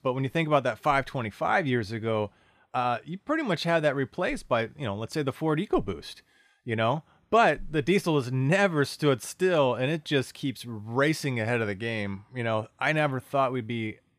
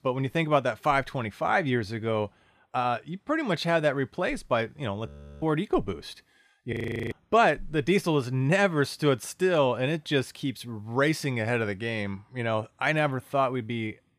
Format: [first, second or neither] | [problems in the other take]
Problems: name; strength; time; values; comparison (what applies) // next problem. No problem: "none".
first | audio freezing; at 5 s and at 6.5 s